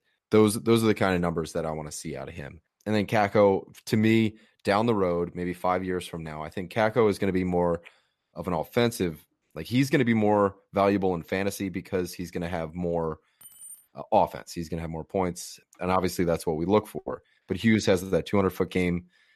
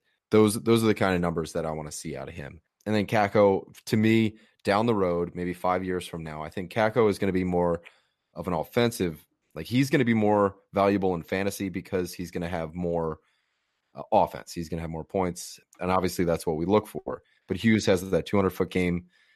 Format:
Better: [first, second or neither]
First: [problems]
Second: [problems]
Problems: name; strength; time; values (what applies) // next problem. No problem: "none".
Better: second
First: jangling keys; faint; at 13 s; peak 15 dB below the speech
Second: none